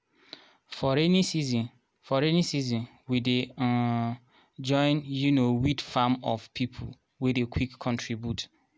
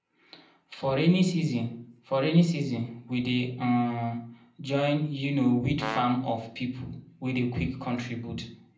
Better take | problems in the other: first | background sound (Brass instrument); 9 dB below the speech // room echo; dies away in 0.6 s

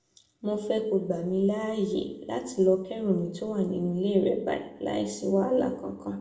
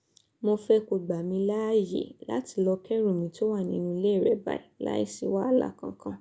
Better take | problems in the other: second | room echo; dies away in 0.7 s

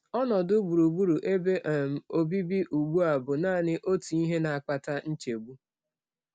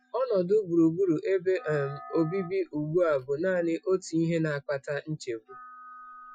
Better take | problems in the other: first | noise reduction (classical method Wiener filter)

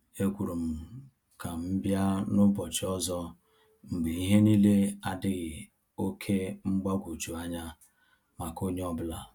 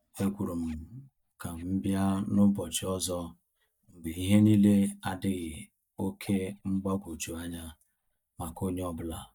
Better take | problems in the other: first | noise reduction (neural mask model DeepFilterNet 3)

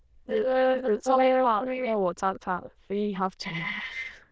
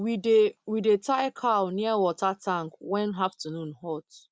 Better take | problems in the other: second | noise reduction (neural diffusion model UNIVERSE++)

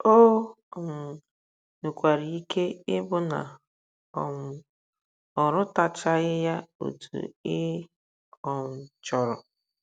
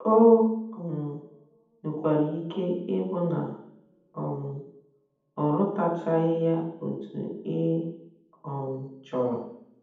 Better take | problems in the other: first | room echo; dies away in 0.8 s

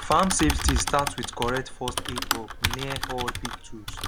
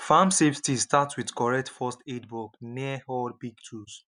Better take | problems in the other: second | background sound (Typing); 1 dB below the speech

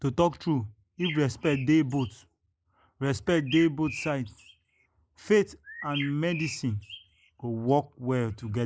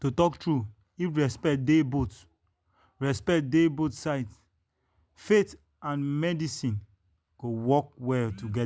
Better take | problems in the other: second | noise reduction (neural mask model Resemble Enhance denoiser)

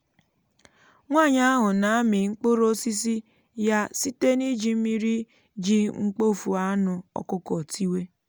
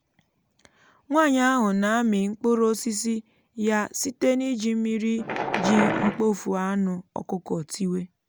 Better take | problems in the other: first | background sound (Wild animals); 3 dB below the speech

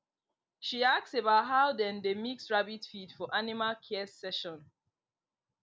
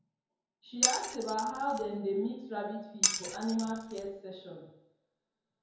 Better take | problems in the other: first | background sound (Glass); 2 dB above the speech // room echo; dies away in 0.9 s

